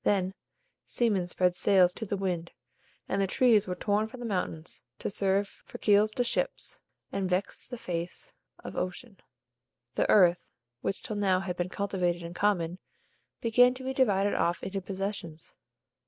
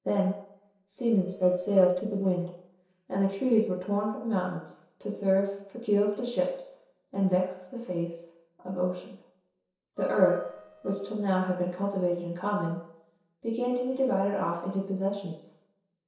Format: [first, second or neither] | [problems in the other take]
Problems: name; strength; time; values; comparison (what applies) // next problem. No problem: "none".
first | noise reduction (neural separator model SepFormer DNS4)